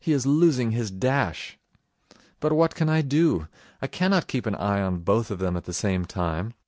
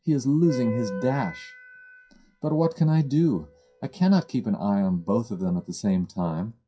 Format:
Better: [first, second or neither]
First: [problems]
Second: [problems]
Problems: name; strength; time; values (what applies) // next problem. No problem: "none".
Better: first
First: none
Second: noise reduction (classical method WPE with log-MMSE)